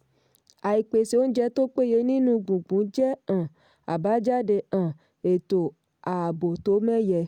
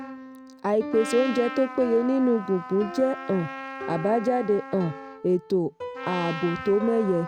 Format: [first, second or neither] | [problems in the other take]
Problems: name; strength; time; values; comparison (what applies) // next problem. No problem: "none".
first | background sound (Trumpet + Piano); 11 dB below the speech